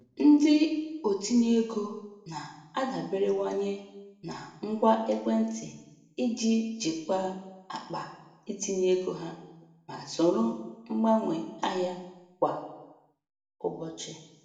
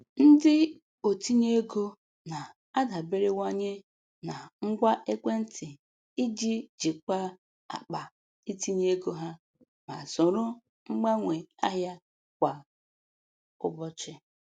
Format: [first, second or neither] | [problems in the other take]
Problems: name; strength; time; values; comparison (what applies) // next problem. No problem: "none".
second | room echo; dies away in 0.8 s